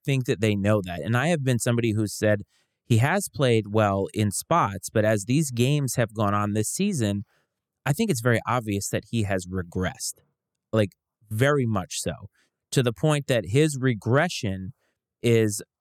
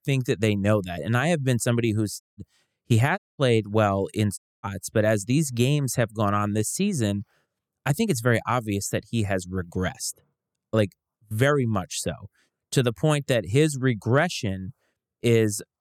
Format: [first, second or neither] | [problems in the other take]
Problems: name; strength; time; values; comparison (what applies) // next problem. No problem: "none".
first | audio cutting out; at 2 s, at 3 s and at 4.5 s